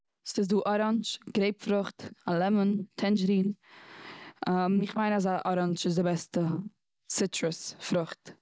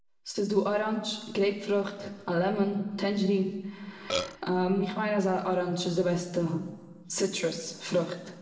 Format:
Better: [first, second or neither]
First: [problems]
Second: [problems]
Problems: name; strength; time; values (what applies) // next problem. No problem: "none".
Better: first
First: none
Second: background sound (Burping, eructation); 3 dB below the speech // room echo; dies away in 1.1 s